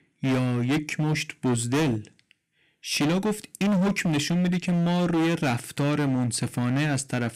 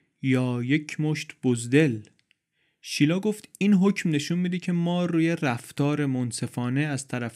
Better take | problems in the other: second | distortion; heavy; 23% of the sound clipped

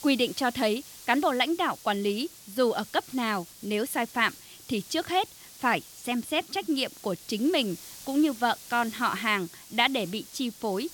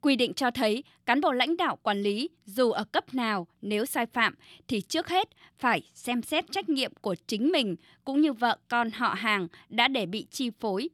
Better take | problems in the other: second | hiss; noticeable; throughout; 15 dB below the speech

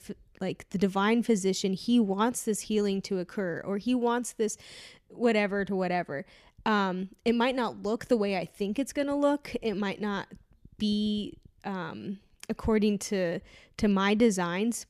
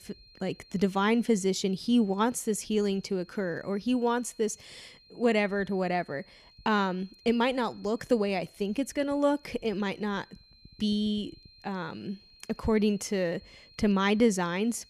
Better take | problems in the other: first | high-pitched whine; faint; throughout; 4 kHz, 25 dB below the speech

